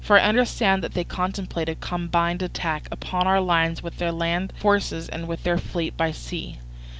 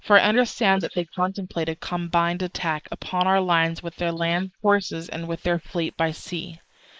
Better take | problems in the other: first | noise reduction (neural mask model Resemble Enhance denoiser)

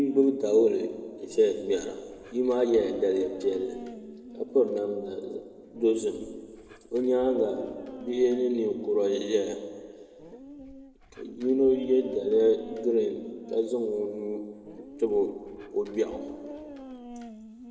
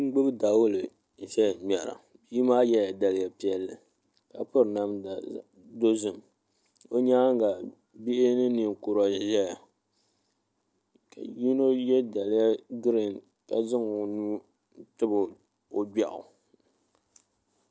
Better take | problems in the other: second | background sound (Dog); 17 dB below the speech // room echo; dies away in 2.1 s

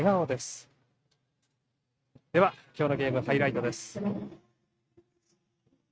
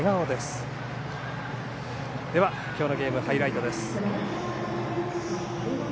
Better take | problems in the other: second | noise reduction (neural mask model RNNoise)

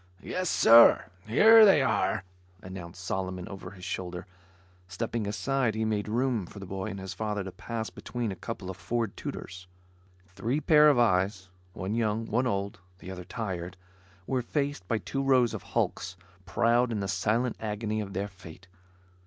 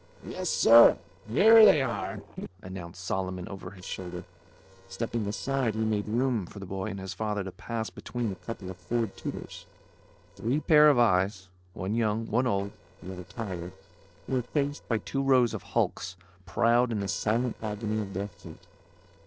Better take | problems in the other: first | noise reduction (neural separator model SepFormer DNS4)

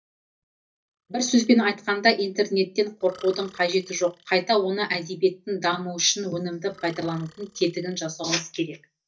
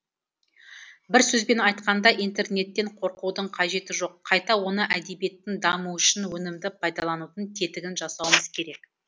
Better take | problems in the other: second | noise reduction (neural mask model DeepFilterNet 3)

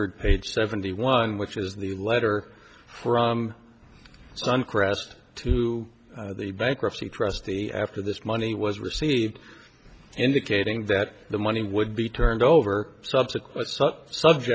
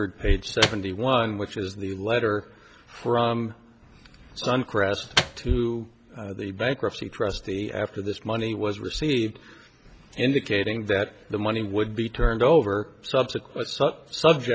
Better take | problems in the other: first | background sound (Microwave oven); 5 dB below the speech

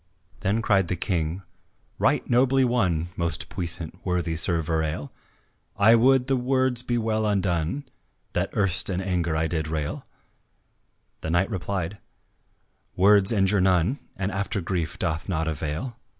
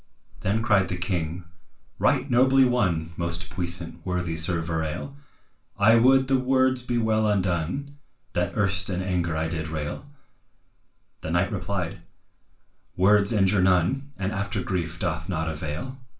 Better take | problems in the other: first | room echo; dies away in 0.3 s

